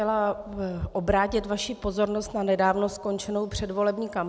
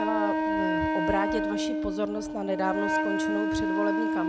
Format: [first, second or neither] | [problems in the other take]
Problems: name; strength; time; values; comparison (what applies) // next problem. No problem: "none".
first | background sound (Wind instrument, woodwind instrument); 4 dB above the speech